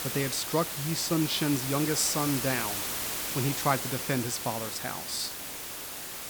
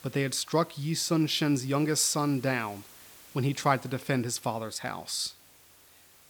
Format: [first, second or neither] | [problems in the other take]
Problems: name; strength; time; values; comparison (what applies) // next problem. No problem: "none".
second | hiss; loud; throughout; 2 dB below the speech; faint in the second